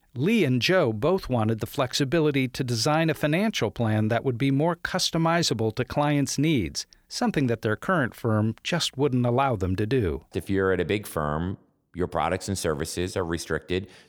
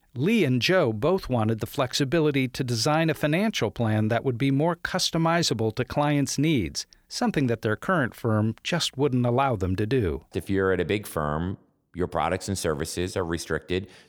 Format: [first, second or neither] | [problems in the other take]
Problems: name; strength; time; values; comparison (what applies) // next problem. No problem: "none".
neither | none